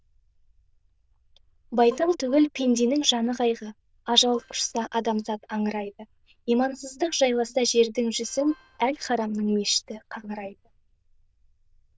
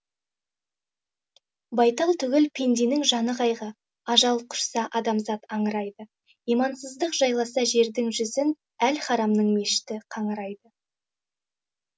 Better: second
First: noise reduction (neural diffusion model UNIVERSE++)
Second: none

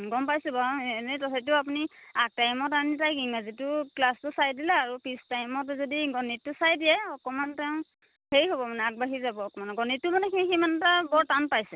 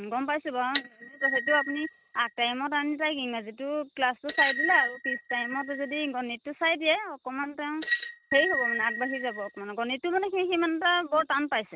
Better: first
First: none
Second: noise reduction (neural mask model RNNoise)

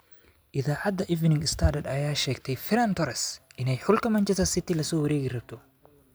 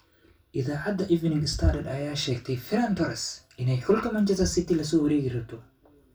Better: first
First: none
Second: room echo; dies away in 0.2 s

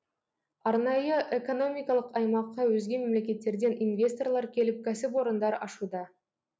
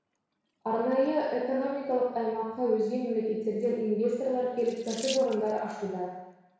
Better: first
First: none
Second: background sound (Sink (filling or washing) / Water tap, faucet); 20 dB below the speech // room echo; dies away in 1.1 s

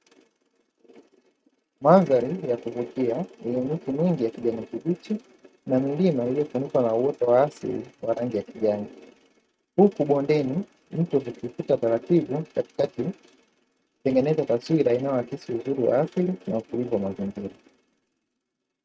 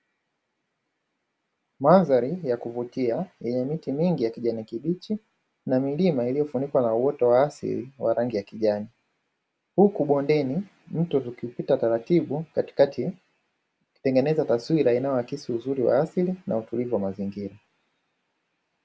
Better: second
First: noise reduction (neural mask model RNNoise)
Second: none

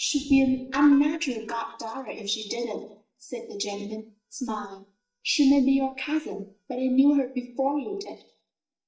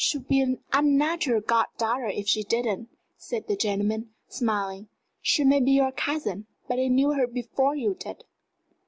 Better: second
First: noise reduction (neural mask model DeepFilterNet 3)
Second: none

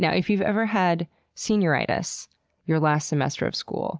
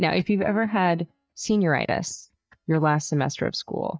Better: first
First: none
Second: noise reduction (neural mask model DeepFilterNet 3)

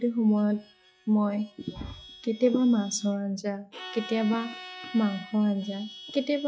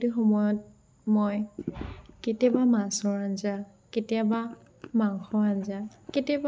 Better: second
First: noise reduction (classical method log-MMSE)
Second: none

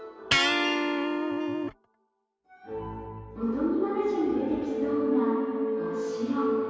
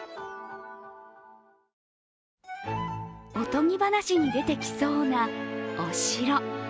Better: second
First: background sound (Electric guitar); 1 dB above the speech // room echo; dies away in 2.2 s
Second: none

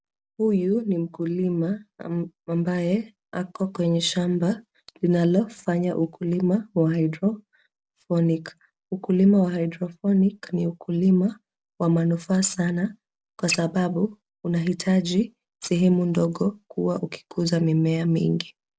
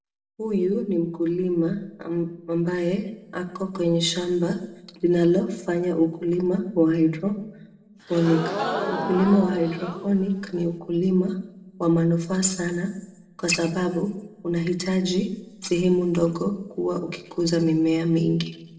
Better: first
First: none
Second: background sound (Crowd / Gasp); 6 dB below the speech // room echo; dies away in 0.8 s

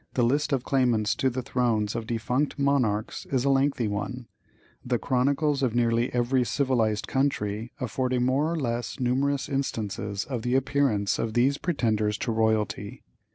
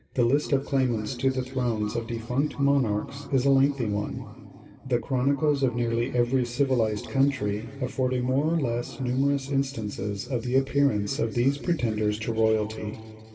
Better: first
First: none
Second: room echo; dies away in 2.9 s

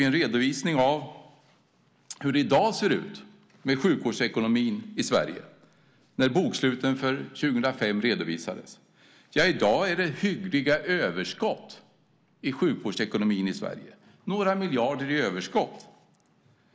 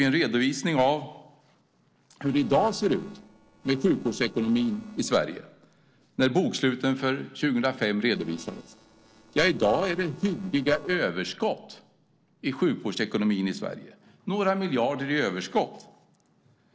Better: first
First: none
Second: noise reduction (neural separator model SepFormer DNS4)

